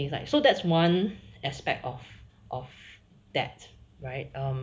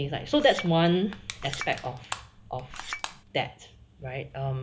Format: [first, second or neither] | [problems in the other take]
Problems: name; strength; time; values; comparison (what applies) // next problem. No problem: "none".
first | background sound (Chink, clink + Crushing); 11 dB below the speech